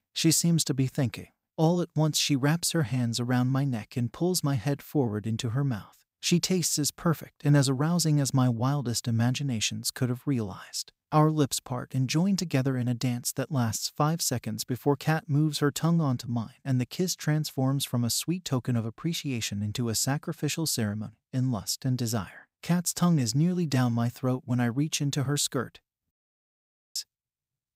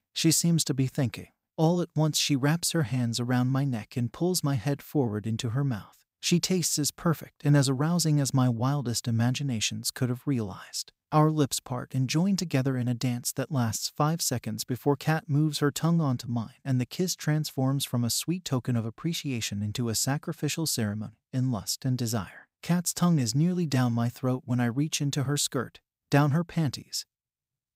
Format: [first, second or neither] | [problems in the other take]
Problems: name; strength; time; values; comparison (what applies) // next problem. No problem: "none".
second | audio cutting out; at 26 s for 1 s